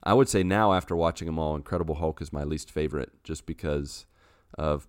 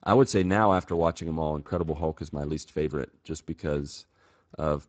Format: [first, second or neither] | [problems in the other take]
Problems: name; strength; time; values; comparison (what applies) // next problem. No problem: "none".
first | garbled, watery; badly; nothing above 8 kHz